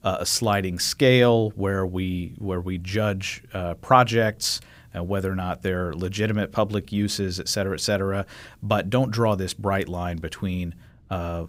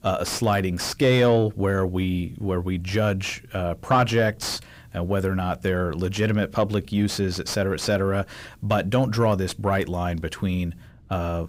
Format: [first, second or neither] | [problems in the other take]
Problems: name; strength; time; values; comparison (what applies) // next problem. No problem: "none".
first | distortion; slight; 10 dB below the speech